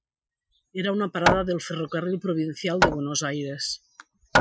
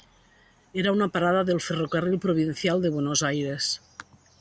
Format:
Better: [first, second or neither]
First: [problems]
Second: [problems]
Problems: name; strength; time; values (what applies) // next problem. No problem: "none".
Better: second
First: noise reduction (classical method Wiener filter)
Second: none